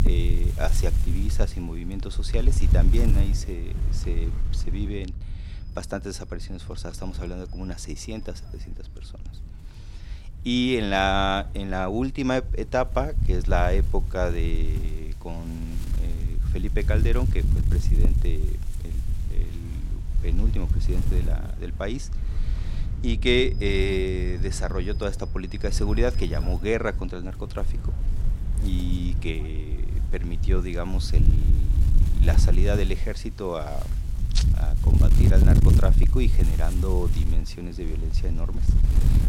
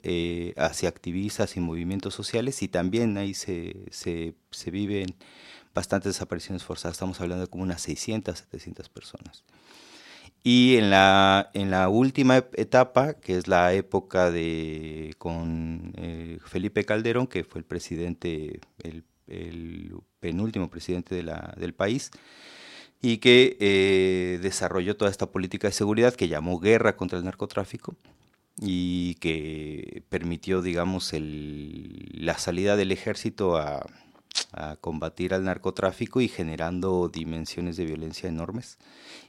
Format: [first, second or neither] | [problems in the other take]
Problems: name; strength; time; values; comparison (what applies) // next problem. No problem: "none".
second | wind noise on the microphone; occasional gusts; 10 dB below the speech